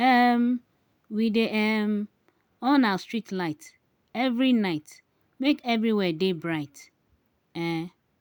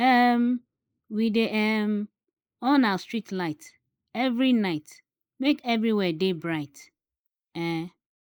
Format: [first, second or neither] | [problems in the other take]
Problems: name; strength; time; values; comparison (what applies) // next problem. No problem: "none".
first | noise reduction (neural mask model Resemble Enhance denoiser)